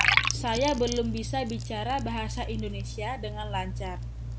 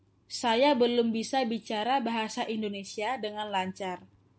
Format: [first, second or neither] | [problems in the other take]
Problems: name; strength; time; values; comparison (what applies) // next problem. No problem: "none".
second | background sound (Liquid); 1 dB above the speech